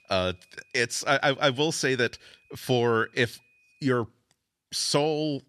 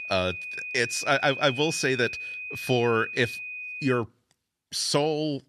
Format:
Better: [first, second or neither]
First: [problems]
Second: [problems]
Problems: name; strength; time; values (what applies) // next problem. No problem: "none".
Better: first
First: high-pitched whine; faint; until 4 s; 2.5 kHz, 35 dB below the speech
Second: high-pitched whine; loud; until 4 s; 2.5 kHz, 8 dB below the speech